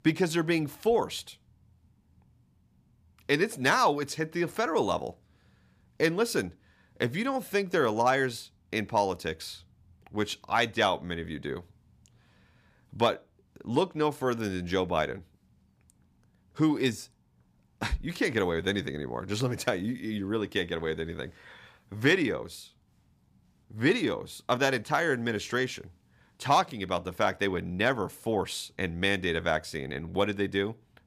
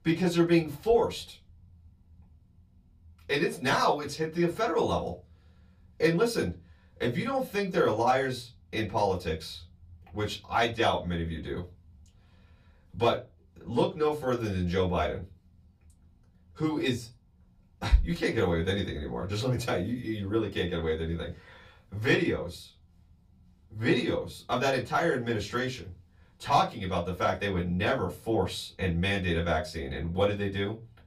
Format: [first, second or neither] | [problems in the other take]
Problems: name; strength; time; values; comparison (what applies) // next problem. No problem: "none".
first | off-mic speech; far // room echo; very slight; dies away in 0.2 s